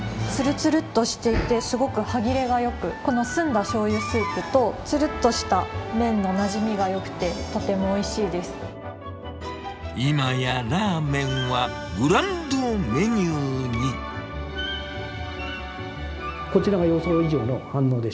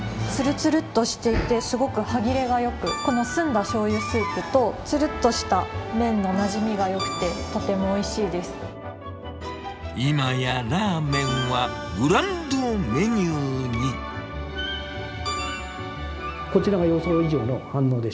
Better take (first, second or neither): first